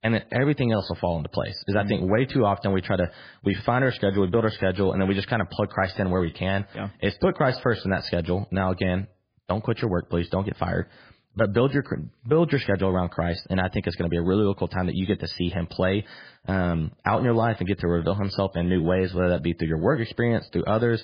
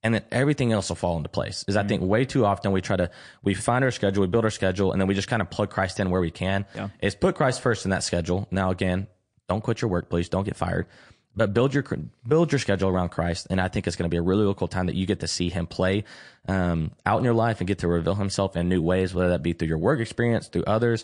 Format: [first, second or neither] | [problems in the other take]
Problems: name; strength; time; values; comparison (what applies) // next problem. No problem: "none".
second | garbled, watery; badly; nothing above 5 kHz; slightly in the second